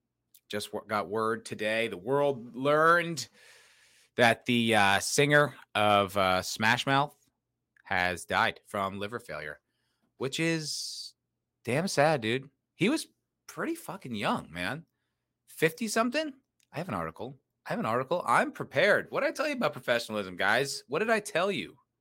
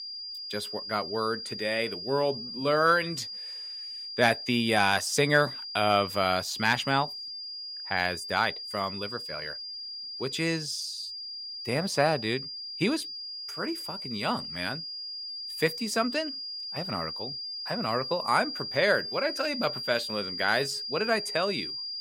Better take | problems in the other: first | high-pitched whine; loud; throughout; 5 kHz, 6 dB below the speech

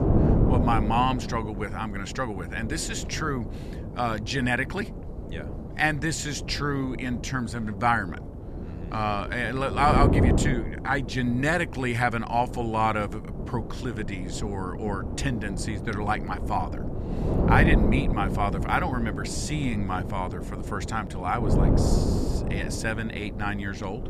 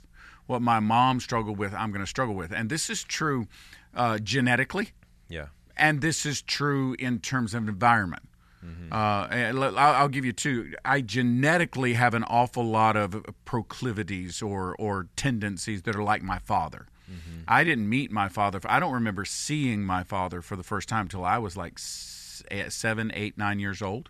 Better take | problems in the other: second | wind noise on the microphone; heavy; 8 dB below the speech

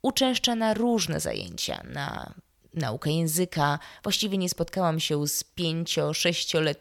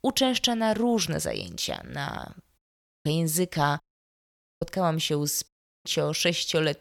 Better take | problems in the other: first | audio cutting out; at 2.5 s, at 4 s for 1 s and at 5.5 s

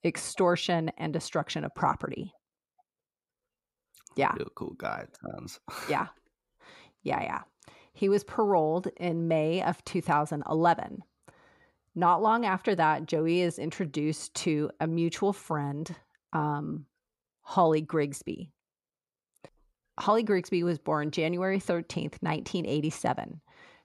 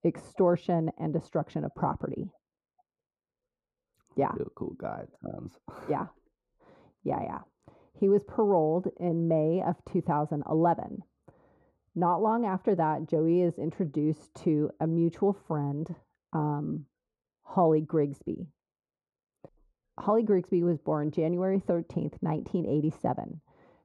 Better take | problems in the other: first | muffled; very; fading above 1.5 kHz

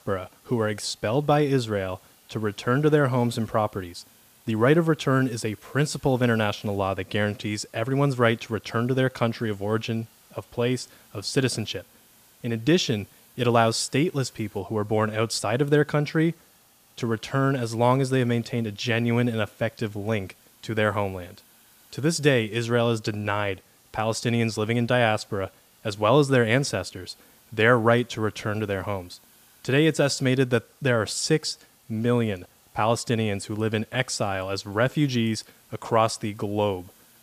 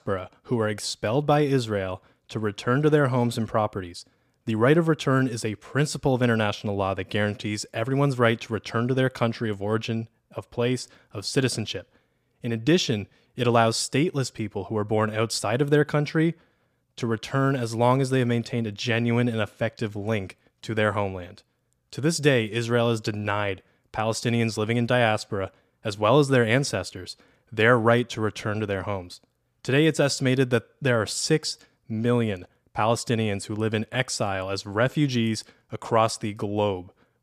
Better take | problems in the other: second | hiss; faint; throughout; 30 dB below the speech

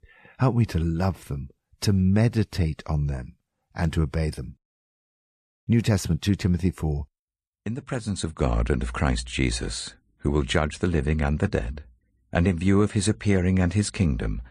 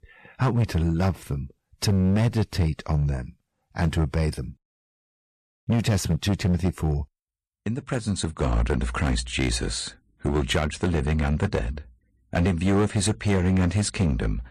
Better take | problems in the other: first | distortion; slight; 7% of the sound clipped

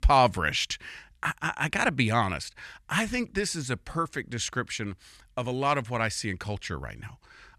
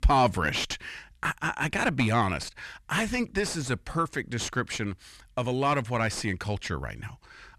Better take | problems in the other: first | distortion; slight; 9 dB below the speech

